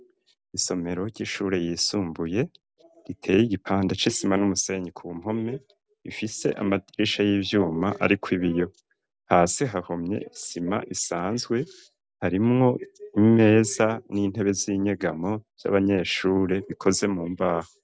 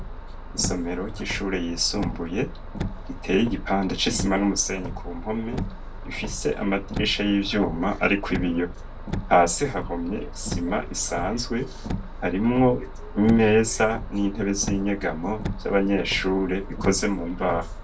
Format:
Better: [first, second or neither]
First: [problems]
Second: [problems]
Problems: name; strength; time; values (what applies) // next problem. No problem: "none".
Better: first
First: none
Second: background sound (Car); 7 dB below the speech // room echo; dies away in 0.2 s